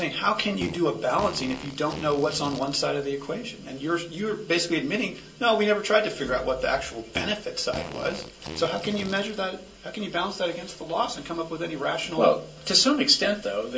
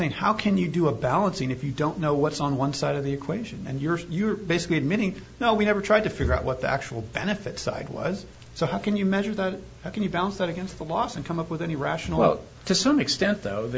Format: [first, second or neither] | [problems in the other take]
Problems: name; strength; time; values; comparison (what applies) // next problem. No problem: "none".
second | background sound (Fart); 13 dB below the speech // room echo; dies away in 0.2 s